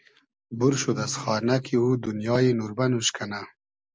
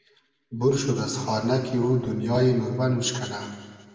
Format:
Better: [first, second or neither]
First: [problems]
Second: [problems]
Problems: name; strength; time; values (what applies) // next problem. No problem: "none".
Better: first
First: none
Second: room echo; dies away in 1.7 s